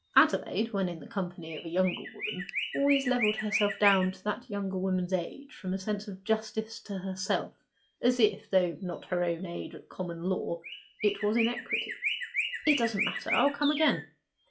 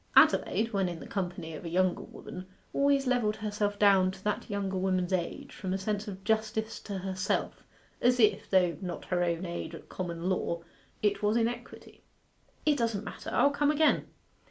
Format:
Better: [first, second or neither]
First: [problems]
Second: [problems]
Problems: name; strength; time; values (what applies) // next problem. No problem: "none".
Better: second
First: noise reduction (classical method log-MMSE)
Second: none